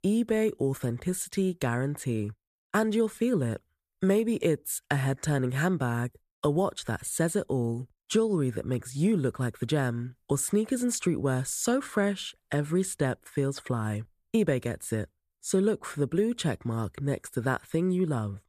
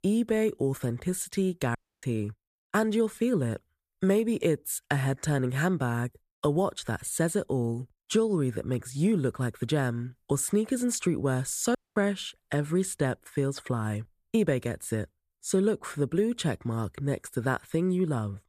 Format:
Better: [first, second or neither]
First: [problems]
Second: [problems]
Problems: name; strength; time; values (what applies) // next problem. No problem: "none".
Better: first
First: none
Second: audio cutting out; at 2 s and at 12 s